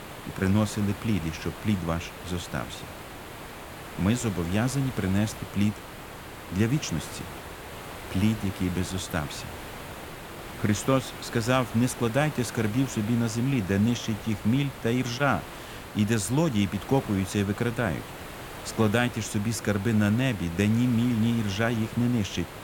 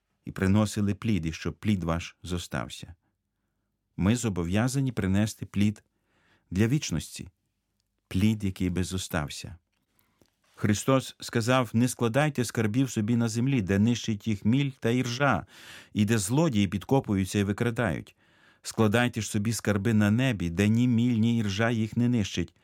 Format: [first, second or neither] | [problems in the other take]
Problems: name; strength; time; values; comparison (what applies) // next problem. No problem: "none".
second | hiss; noticeable; throughout; 10 dB below the speech